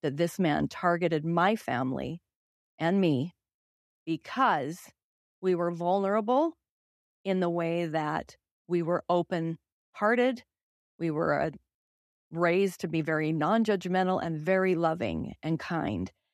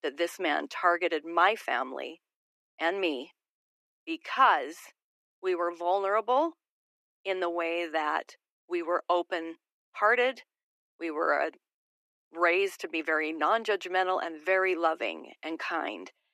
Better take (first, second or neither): first